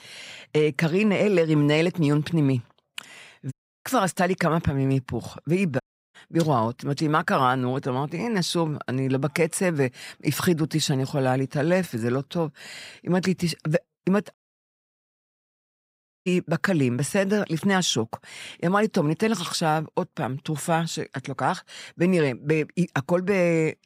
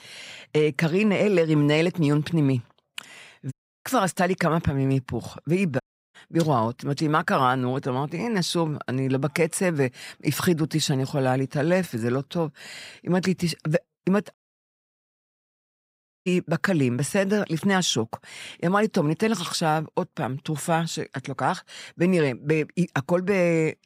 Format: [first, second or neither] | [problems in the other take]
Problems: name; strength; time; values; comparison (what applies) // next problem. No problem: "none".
neither | audio cutting out; at 3.5 s, at 6 s and at 14 s for 2 s; the same in both